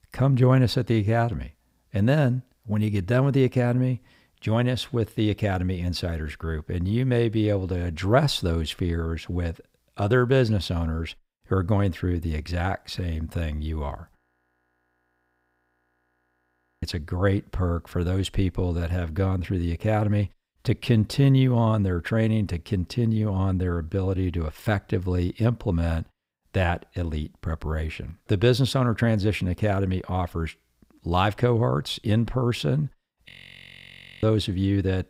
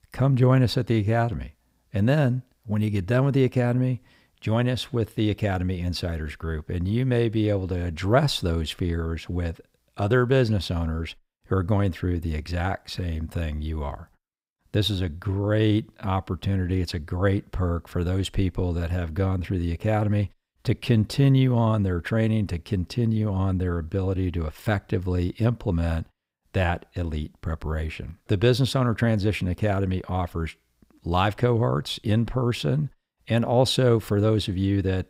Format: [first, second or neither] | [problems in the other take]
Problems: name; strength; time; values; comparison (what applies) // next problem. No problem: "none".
second | audio freezing; at 14 s for 2.5 s and at 33 s for 1 s